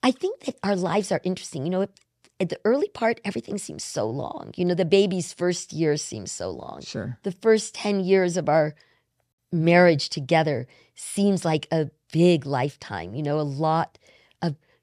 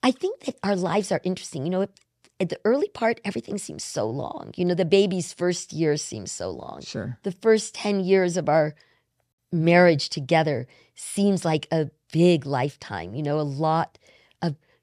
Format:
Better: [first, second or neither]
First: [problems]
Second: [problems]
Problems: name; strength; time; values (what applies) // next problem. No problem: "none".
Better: neither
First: none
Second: none